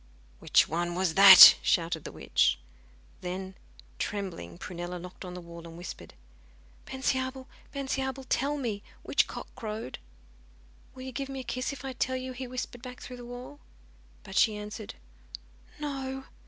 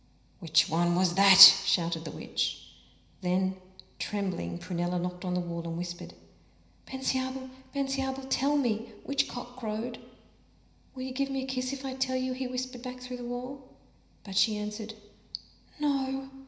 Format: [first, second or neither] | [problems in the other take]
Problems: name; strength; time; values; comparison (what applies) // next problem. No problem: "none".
first | room echo; dies away in 0.9 s